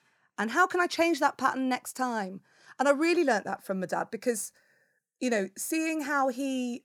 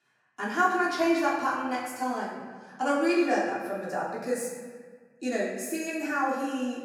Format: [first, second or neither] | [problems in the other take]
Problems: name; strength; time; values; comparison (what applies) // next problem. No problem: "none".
first | off-mic speech; far // room echo; noticeable; dies away in 1.4 s